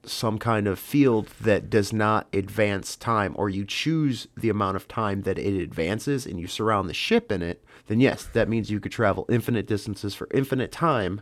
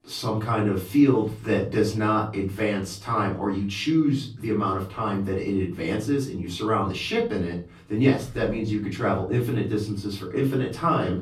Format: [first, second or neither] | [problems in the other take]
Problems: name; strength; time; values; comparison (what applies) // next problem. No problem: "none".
first | room echo; slight; dies away in 0.3 s // off-mic speech; far